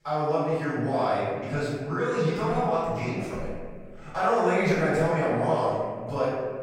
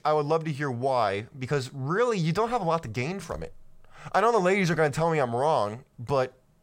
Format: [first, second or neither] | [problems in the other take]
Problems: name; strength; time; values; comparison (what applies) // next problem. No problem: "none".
second | room echo; strong; dies away in 1.8 s // off-mic speech; far